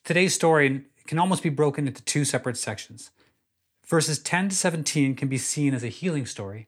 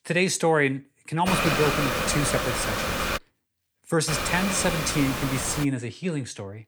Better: first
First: none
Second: hiss; loud; from 1.5 to 3 s and from 4 to 5.5 s; 1 dB below the speech

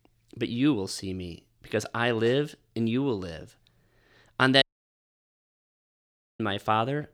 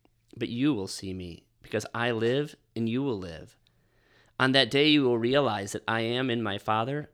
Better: second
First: audio cutting out; at 4.5 s for 2 s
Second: none

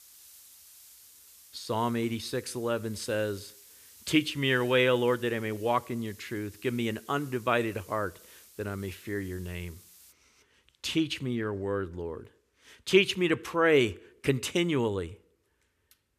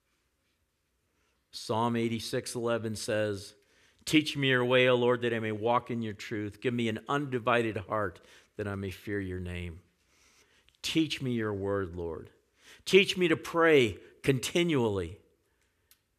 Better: second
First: hiss; faint; until 10 s; 20 dB below the speech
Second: none

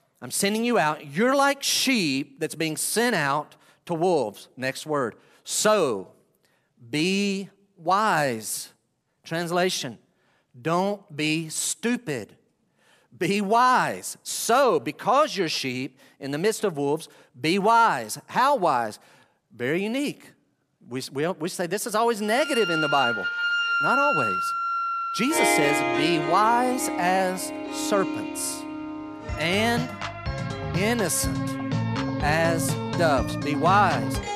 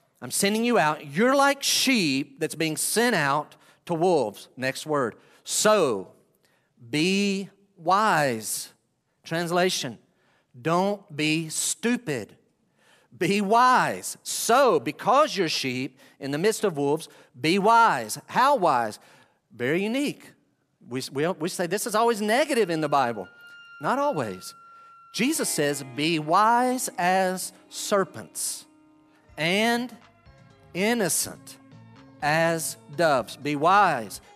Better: second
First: background music; loud; from 22 s on; 3 dB below the speech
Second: background music; faint; from 22 s on; 25 dB below the speech

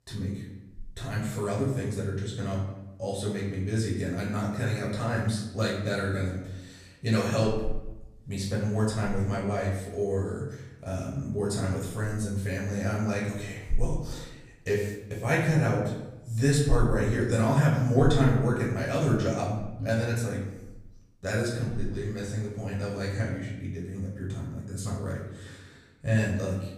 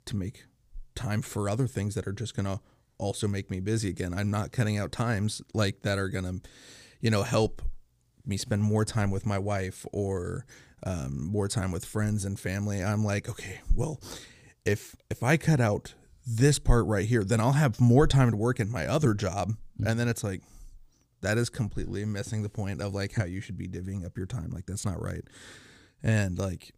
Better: second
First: off-mic speech; far // room echo; noticeable; dies away in 0.8 s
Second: none

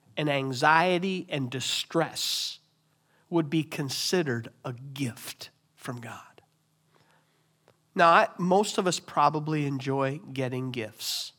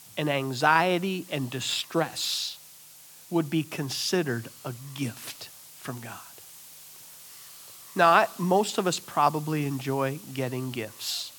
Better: first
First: none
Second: hiss; noticeable; throughout; 20 dB below the speech

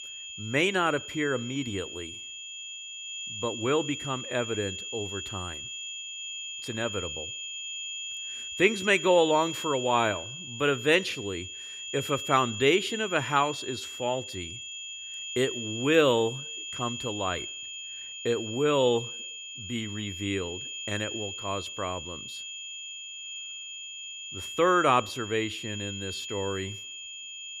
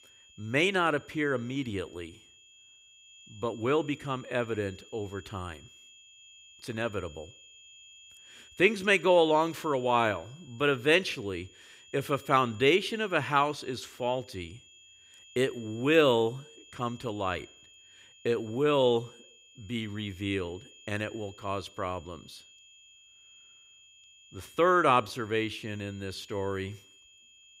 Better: second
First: high-pitched whine; loud; throughout; 3 kHz, 8 dB below the speech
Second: high-pitched whine; faint; throughout; 3 kHz, 25 dB below the speech

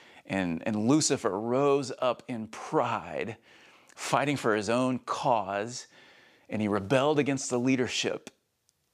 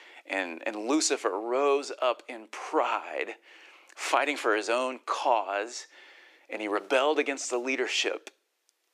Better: first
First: none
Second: thin; somewhat; fading below 300 Hz

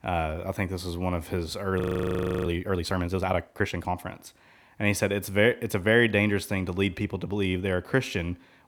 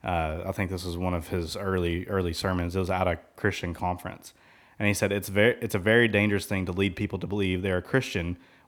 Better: second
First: audio freezing; at 2 s for 0.5 s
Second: none

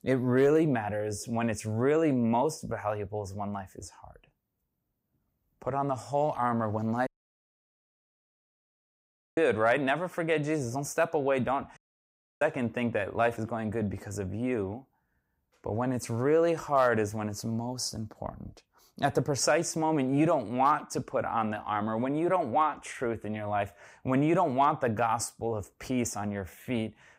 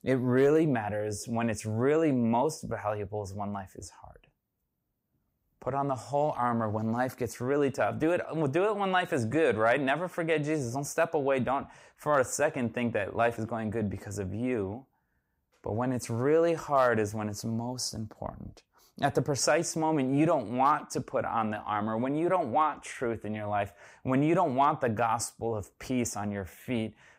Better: second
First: audio cutting out; at 7 s for 2.5 s and at 12 s for 0.5 s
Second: none

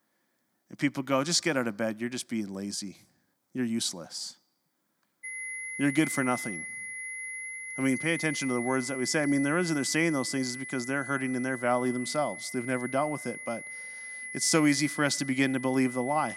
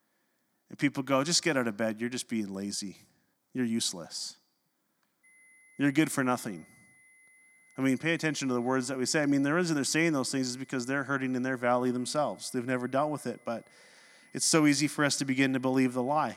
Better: second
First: high-pitched whine; loud; from 5 s on; 2 kHz, 8 dB below the speech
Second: high-pitched whine; faint; from 5 s on; 2 kHz, 30 dB below the speech

